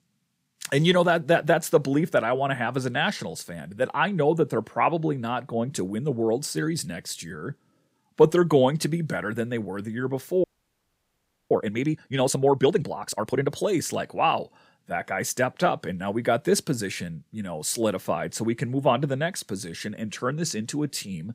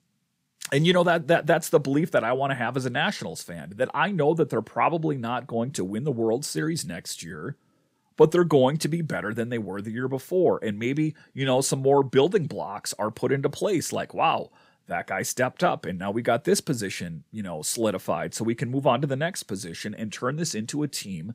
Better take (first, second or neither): second